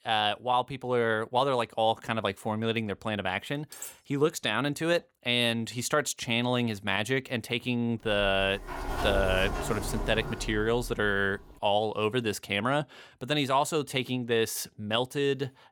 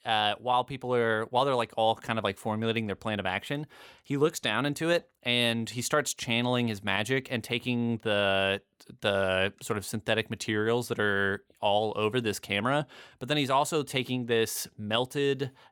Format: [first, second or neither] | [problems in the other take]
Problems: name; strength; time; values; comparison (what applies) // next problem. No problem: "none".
second | clattering dishes; faint; at 3.5 s; peak 15 dB below the speech // door banging; noticeable; from 8 to 11 s; peak 3 dB below the speech